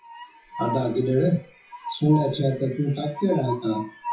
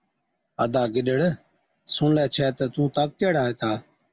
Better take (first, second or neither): second